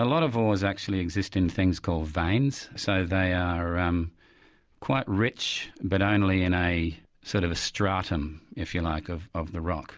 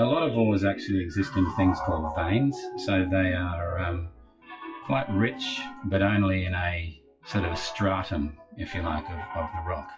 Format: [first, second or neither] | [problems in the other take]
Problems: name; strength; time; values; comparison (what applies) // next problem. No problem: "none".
first | noise reduction (classical method WPE with log-MMSE)